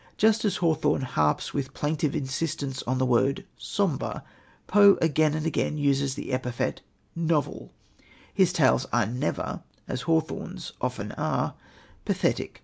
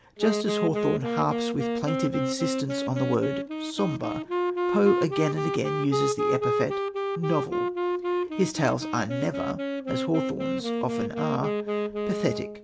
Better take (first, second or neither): first